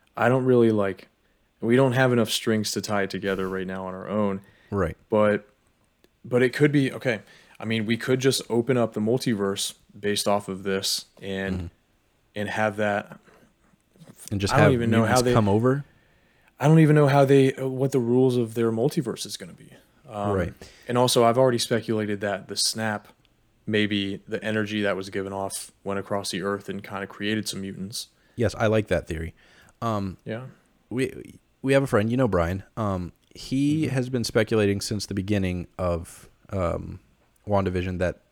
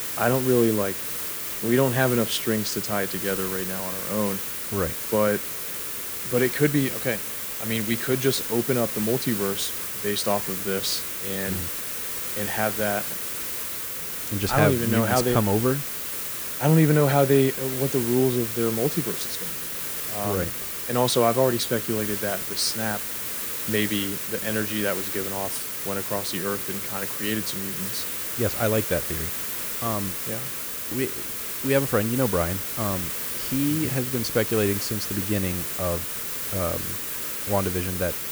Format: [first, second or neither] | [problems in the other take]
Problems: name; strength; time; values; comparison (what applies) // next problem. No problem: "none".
first | hiss; loud; throughout; 2 dB below the speech